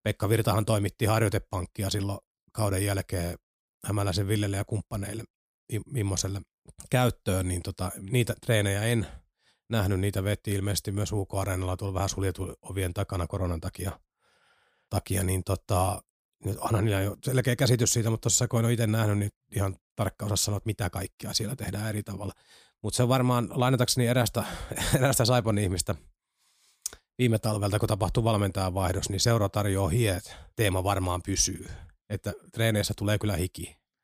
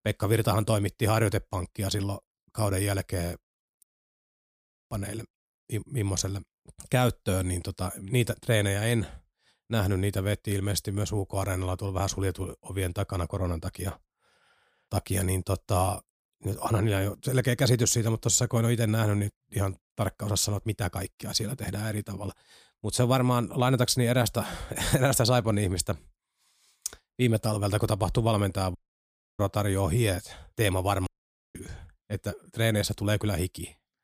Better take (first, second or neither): first